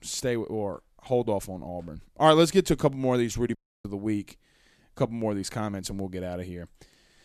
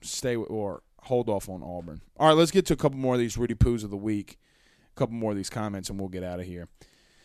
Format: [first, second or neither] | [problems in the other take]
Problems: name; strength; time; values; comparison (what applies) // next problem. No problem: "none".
second | audio cutting out; at 3.5 s